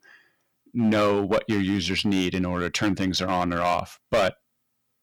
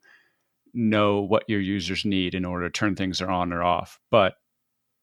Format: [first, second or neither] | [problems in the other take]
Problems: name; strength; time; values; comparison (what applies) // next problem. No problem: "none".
second | distortion; heavy; 7% of the sound clipped